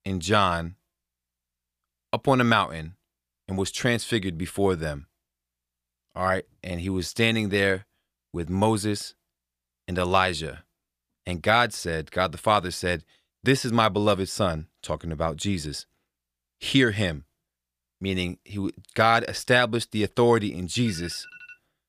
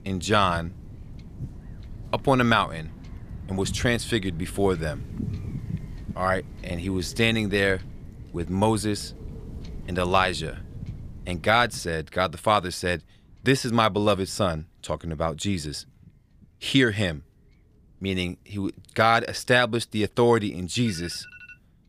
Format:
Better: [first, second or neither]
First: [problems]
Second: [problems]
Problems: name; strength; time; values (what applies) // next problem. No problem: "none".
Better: first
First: none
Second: wind noise on the microphone; occasional gusts; 25 dB below the speech